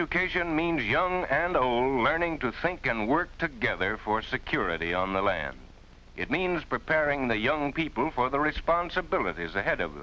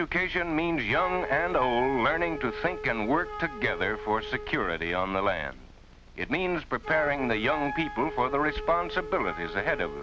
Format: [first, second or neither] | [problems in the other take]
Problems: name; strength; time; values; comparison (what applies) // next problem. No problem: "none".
first | background sound (Wind instrument, woodwind instrument); 10 dB below the speech